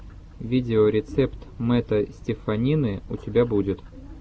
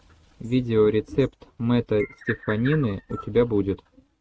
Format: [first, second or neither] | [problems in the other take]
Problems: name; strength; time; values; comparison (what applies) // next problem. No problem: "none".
first | noise reduction (neural mask model RNNoise)